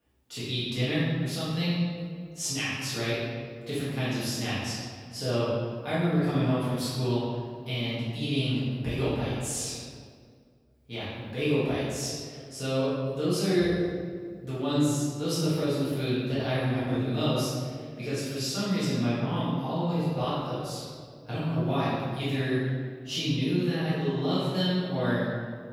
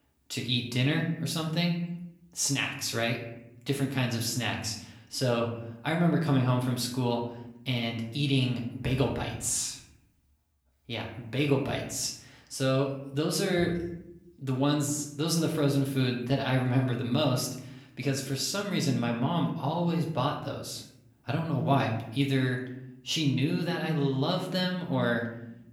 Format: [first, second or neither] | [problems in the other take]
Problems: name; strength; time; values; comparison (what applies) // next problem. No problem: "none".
second | room echo; strong; dies away in 1.7 s; slight in the second // off-mic speech; far; somewhat distant in the second